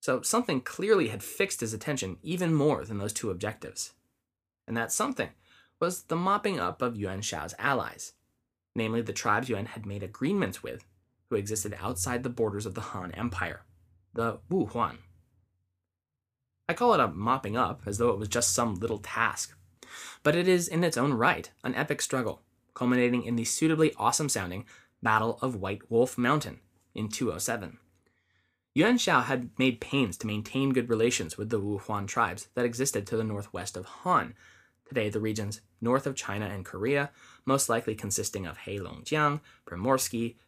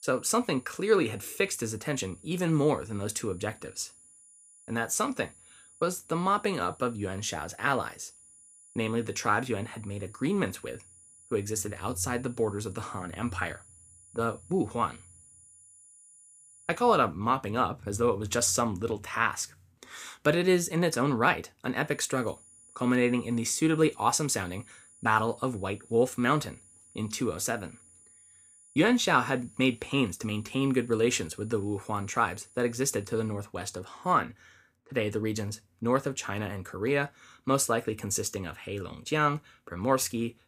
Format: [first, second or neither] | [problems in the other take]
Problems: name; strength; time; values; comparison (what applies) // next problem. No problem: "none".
first | high-pitched whine; faint; until 17 s and from 22 to 33 s; 9.5 kHz, 25 dB below the speech